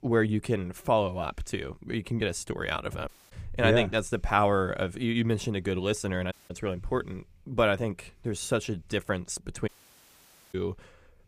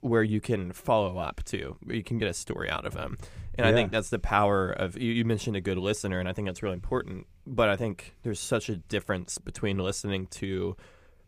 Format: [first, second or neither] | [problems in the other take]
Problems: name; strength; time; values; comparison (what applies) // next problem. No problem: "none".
second | audio cutting out; at 3 s, at 6.5 s and at 9.5 s for 1 s